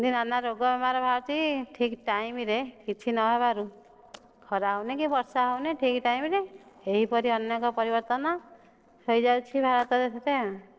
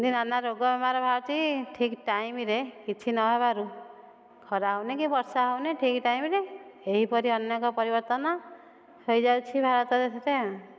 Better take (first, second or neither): second